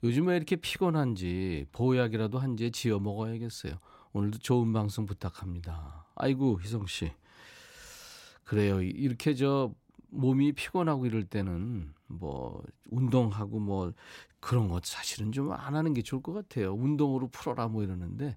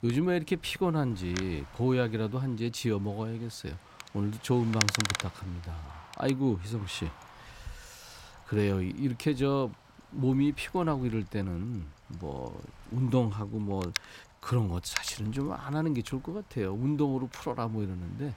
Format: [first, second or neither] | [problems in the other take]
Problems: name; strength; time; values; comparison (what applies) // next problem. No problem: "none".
first | wind noise on the microphone; heavy; 1 dB below the speech